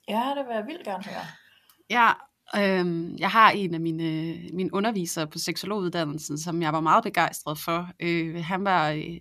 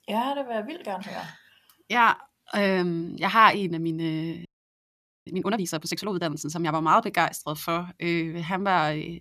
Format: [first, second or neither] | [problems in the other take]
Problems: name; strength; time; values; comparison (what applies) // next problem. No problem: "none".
first | audio freezing; at 4.5 s for 1 s